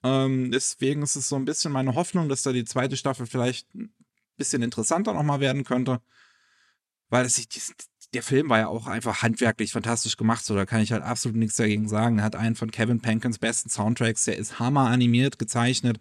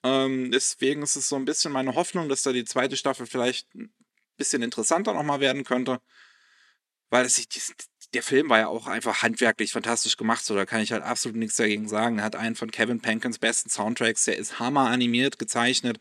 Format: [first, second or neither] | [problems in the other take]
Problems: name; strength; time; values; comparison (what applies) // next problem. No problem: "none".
first | thin; very slightly; fading below 350 Hz